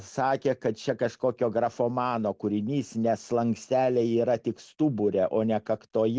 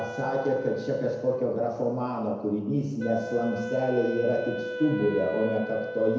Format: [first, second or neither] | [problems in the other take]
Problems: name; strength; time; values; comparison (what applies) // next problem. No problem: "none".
first | background sound (Wind instrument, woodwind instrument); 9 dB below the speech // room echo; dies away in 1 s